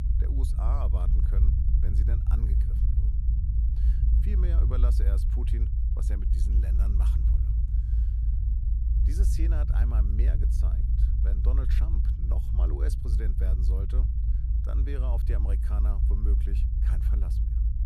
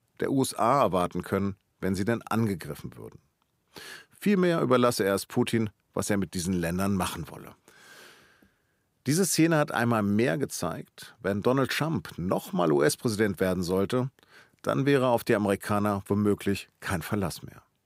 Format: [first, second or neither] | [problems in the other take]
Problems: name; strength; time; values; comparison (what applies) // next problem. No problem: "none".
second | low rumble; loud; throughout; 1 dB below the speech